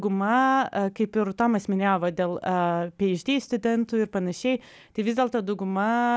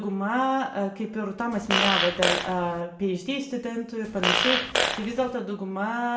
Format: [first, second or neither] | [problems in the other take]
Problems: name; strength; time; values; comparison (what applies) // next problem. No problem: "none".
first | background sound (Fart); 2 dB above the speech // room echo; dies away in 0.6 s